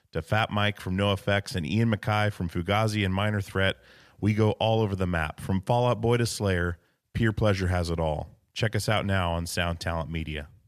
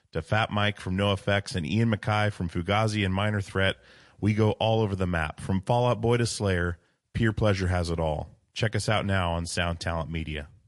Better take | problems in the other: first | garbled, watery; slightly; nothing above 11 kHz

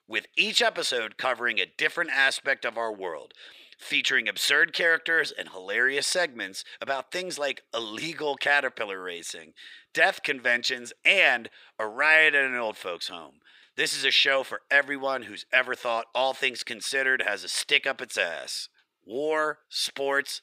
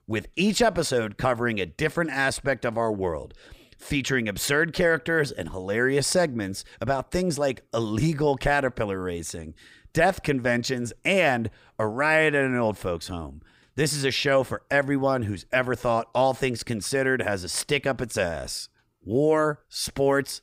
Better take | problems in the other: second | thin; very; fading below 400 Hz

